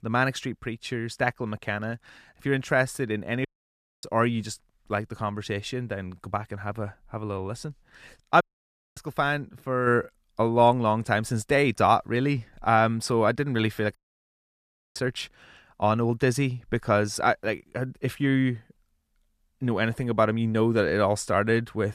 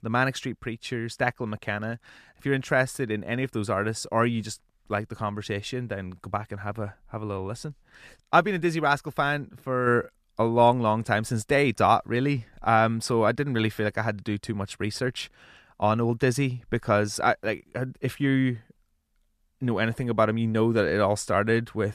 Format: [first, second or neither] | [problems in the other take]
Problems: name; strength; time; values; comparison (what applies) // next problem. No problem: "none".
second | audio cutting out; at 3.5 s for 0.5 s, at 8.5 s for 0.5 s and at 14 s for 1 s